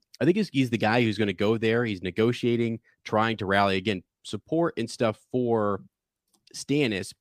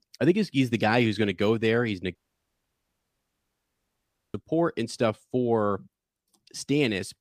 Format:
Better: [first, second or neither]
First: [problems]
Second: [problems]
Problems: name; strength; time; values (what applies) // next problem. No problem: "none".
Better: first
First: none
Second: audio cutting out; at 2 s for 2 s